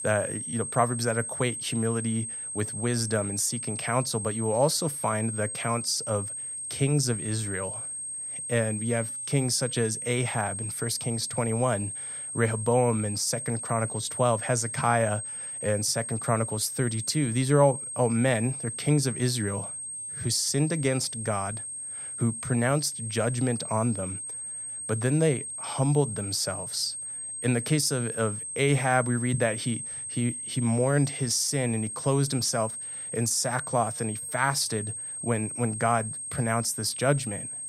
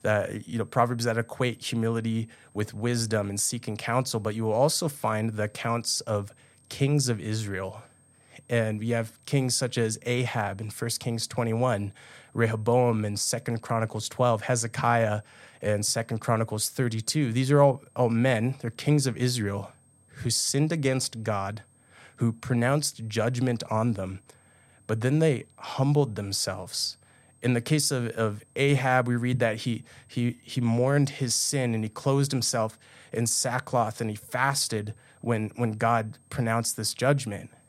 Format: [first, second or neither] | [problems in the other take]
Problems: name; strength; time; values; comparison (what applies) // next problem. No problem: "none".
second | high-pitched whine; loud; throughout; 8.5 kHz, 5 dB below the speech; faint in the second